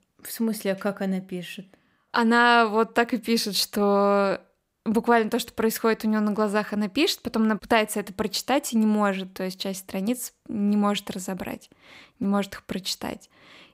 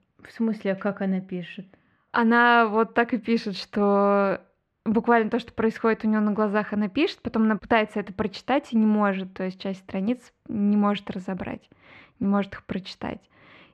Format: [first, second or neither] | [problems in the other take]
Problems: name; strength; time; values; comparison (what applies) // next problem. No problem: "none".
first | muffled; slightly; fading above 2 kHz